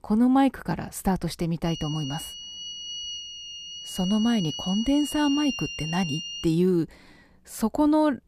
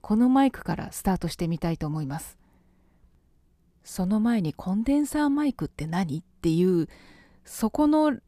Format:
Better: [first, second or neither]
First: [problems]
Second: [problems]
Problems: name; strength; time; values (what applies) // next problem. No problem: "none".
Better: second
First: high-pitched whine; loud; from 1.5 to 6.5 s; 3 kHz, 8 dB below the speech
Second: none